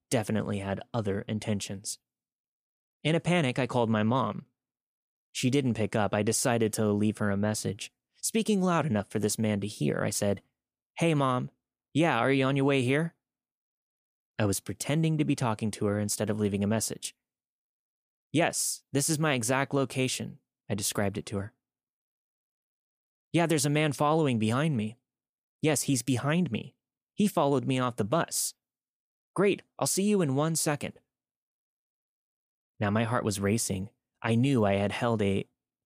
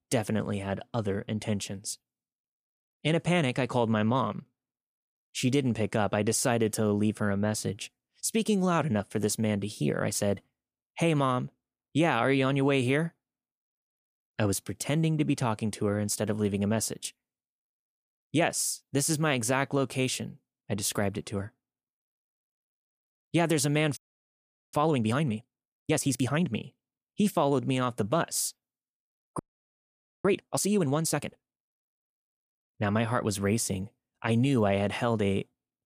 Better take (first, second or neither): first